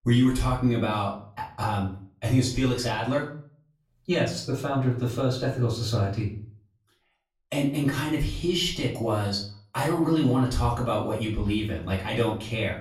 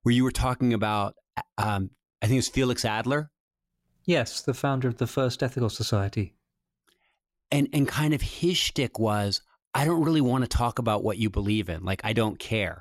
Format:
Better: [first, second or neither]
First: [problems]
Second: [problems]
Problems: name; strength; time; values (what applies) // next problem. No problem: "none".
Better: second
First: room echo; slight; dies away in 0.4 s // off-mic speech; far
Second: none